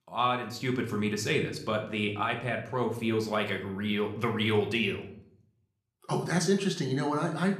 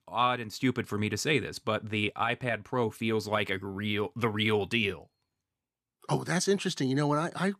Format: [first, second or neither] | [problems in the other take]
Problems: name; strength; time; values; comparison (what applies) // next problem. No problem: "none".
second | room echo; slight; dies away in 0.5 s